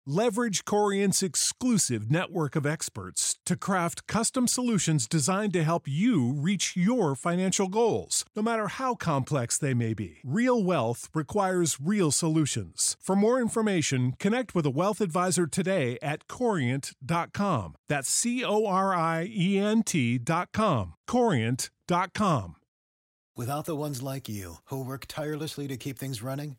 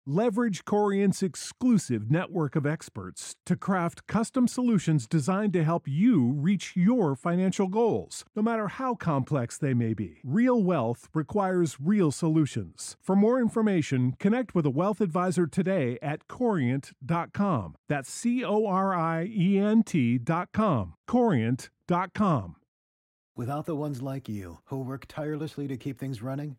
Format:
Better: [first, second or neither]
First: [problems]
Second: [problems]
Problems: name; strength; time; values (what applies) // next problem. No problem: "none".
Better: first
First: none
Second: muffled; slightly; fading above 3 kHz